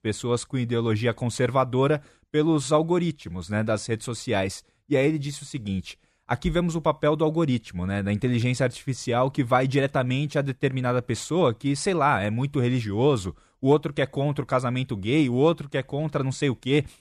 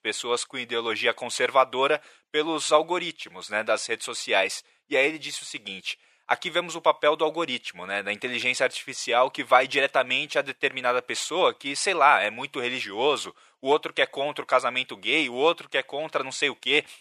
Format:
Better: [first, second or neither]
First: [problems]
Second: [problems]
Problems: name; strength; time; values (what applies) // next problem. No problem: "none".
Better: first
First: none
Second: thin; very; fading below 650 Hz